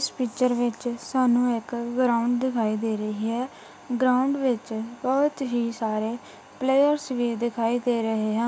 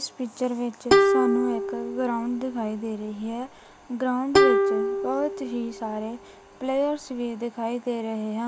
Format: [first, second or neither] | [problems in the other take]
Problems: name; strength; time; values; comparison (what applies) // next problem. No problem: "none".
first | background sound (Plucked string instrument); 3 dB above the speech